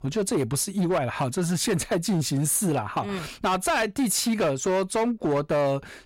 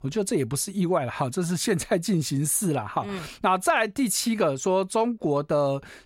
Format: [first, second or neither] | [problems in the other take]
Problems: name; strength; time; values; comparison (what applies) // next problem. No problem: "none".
second | distortion; slight; 14% of the sound clipped